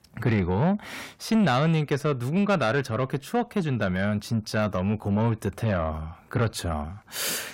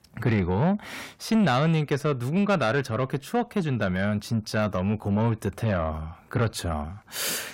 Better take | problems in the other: neither | distortion; slight; 10 dB below the speech; the same in both

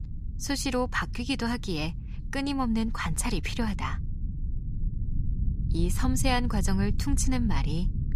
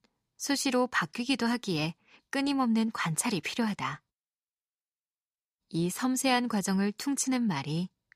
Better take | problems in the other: second | low rumble; noticeable; throughout; 15 dB below the speech

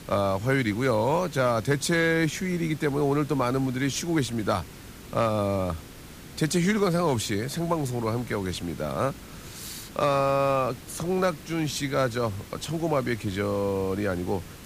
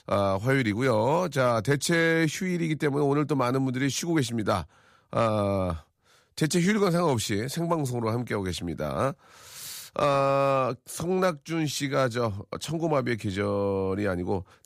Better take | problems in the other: second | hiss; noticeable; throughout; 15 dB below the speech

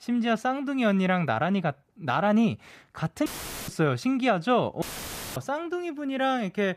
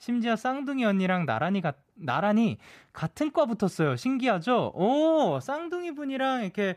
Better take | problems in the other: second | audio cutting out; filled with static; at 3.5 s and at 5 s for 0.5 s

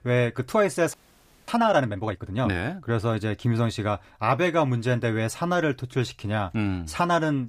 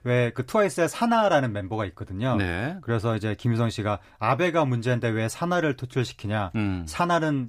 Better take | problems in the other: second | audio freezing; at 1 s for 0.5 s

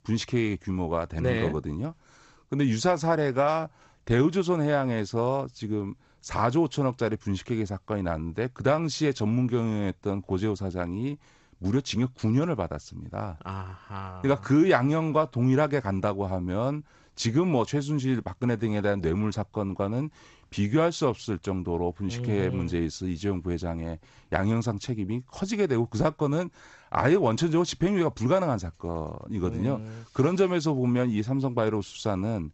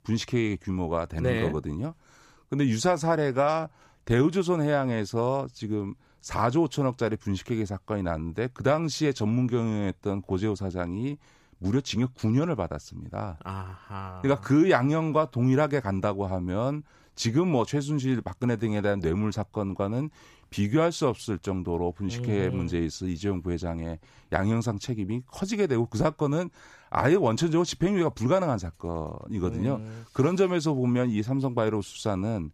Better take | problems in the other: second | garbled, watery; slightly; nothing above 7.5 kHz

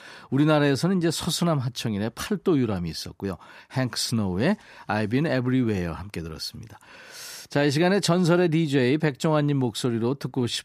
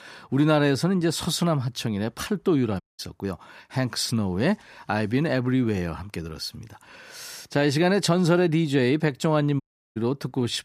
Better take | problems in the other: first | audio cutting out; at 3 s and at 9.5 s

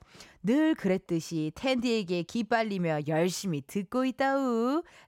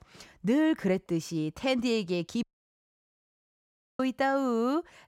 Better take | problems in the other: first | audio cutting out; at 2.5 s for 1.5 s

